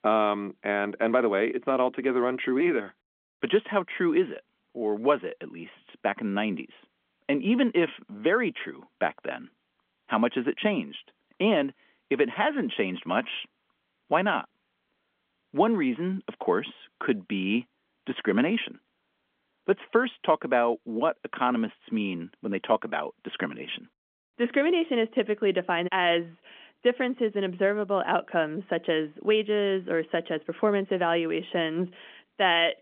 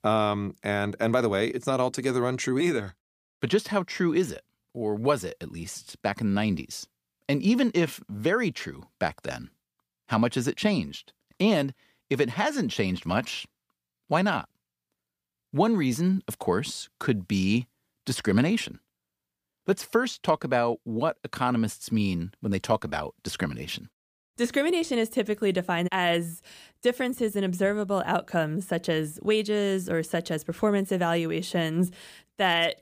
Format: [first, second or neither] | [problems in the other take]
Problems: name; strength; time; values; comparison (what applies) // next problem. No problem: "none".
second | phone-call audio; nothing above 3.5 kHz